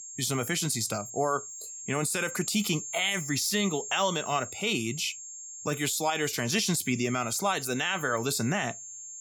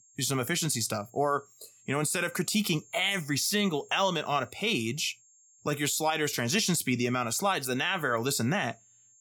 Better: second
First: high-pitched whine; loud; throughout; 7.5 kHz, 10 dB below the speech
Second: high-pitched whine; faint; throughout; 7.5 kHz, 30 dB below the speech

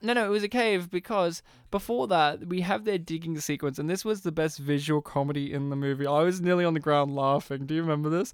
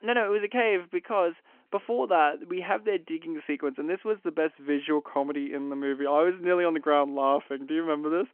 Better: first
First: none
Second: phone-call audio

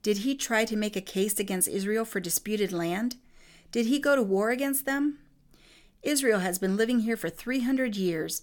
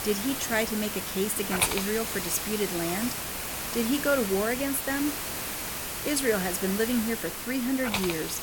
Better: first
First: none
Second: hiss; loud; throughout; 2 dB below the speech

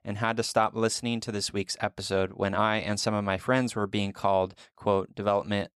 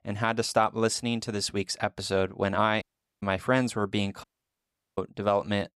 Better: first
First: none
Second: audio cutting out; at 3 s and at 4 s for 0.5 s

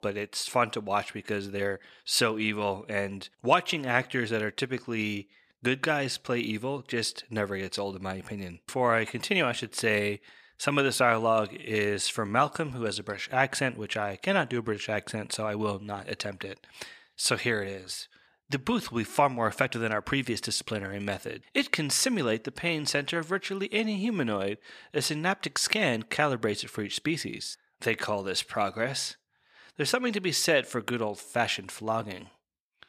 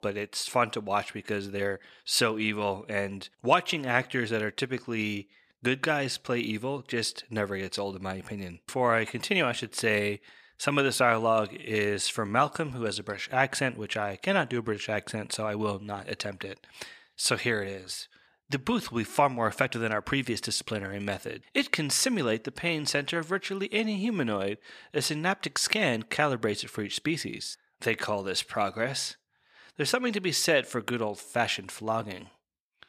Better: neither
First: thin; somewhat; fading below 500 Hz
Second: thin; somewhat; fading below 500 Hz

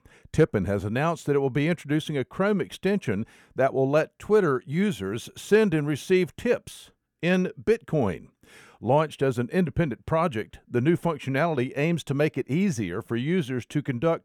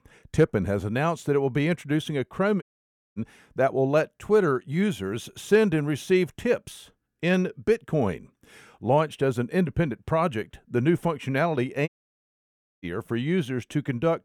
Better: first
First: none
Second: audio cutting out; at 2.5 s for 0.5 s and at 12 s for 1 s

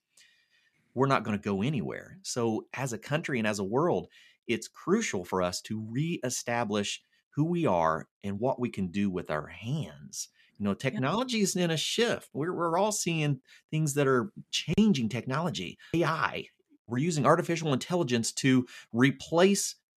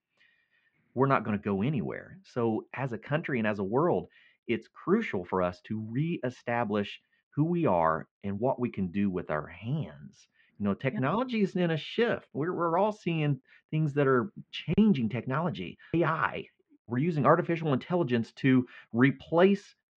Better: first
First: none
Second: muffled; very; fading above 2.5 kHz

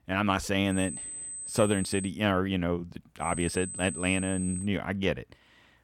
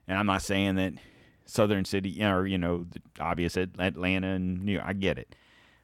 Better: second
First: high-pitched whine; loud; from 0.5 to 2 s and from 3 to 4.5 s; 8 kHz, 8 dB below the speech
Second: none

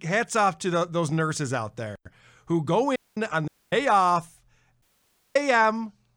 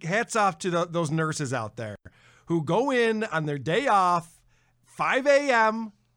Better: second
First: audio cutting out; at 3 s, at 3.5 s and at 5 s for 0.5 s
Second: none

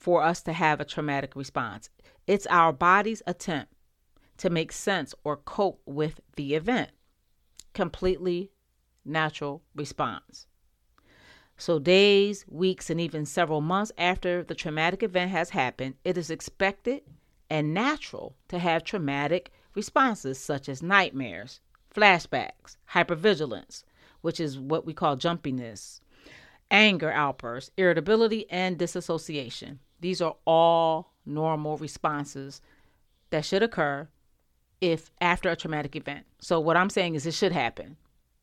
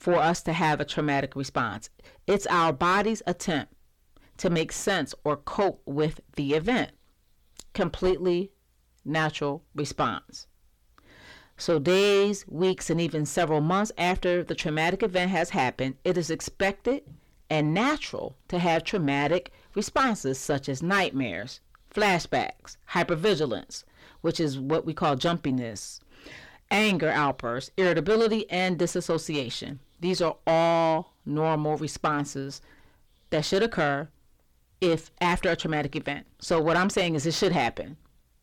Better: first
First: none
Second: distortion; heavy; 6 dB below the speech

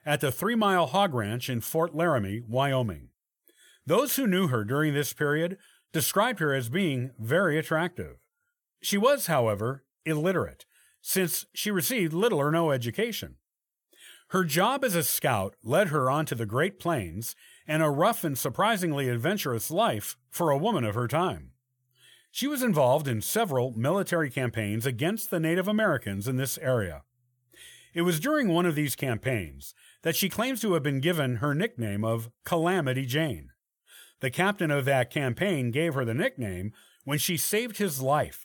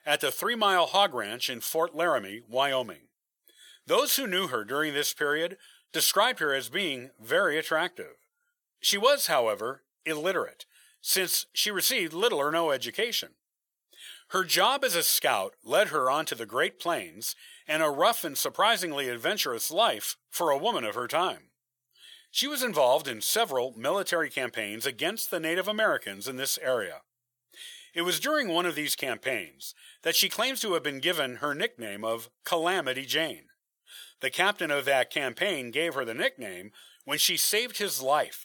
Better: first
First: none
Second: thin; somewhat; fading below 400 Hz

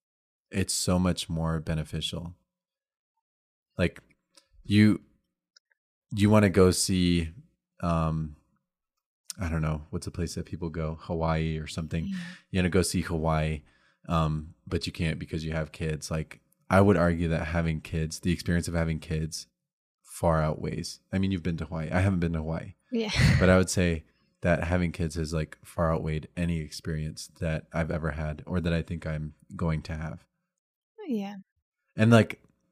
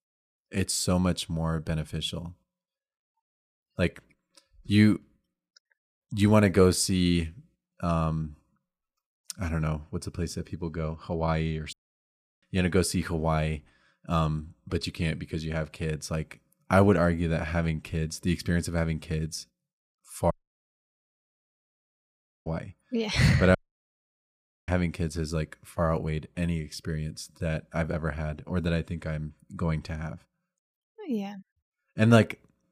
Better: first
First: none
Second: audio cutting out; at 12 s for 0.5 s, at 20 s for 2 s and at 24 s for 1 s

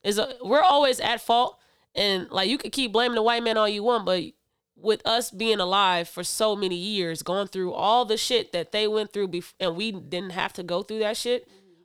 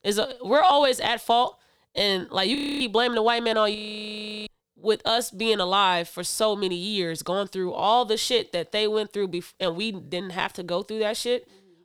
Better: first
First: none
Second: audio freezing; at 2.5 s and at 4 s for 0.5 s

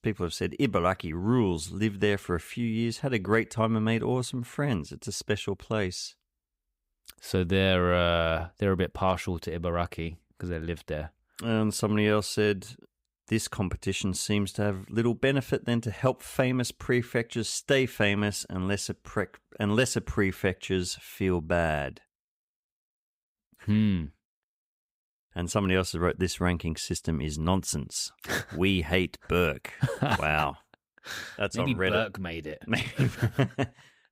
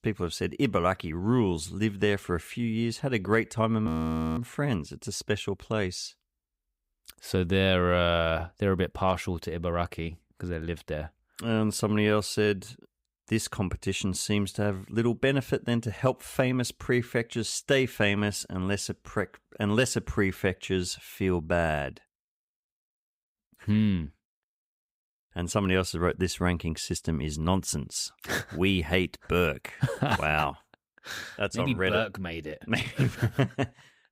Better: first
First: none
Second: audio freezing; at 4 s for 0.5 s

